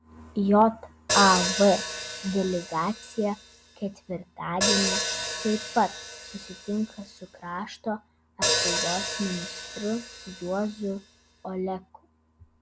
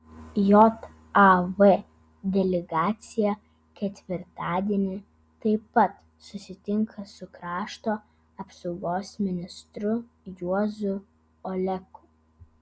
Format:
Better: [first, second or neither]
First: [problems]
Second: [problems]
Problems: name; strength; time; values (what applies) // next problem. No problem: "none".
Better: second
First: background sound (Hi-hat); 3 dB below the speech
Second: none